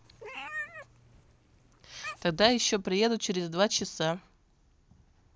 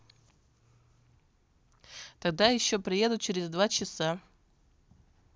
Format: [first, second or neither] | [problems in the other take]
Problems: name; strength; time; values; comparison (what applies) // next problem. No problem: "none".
second | background sound (Meow); 13 dB below the speech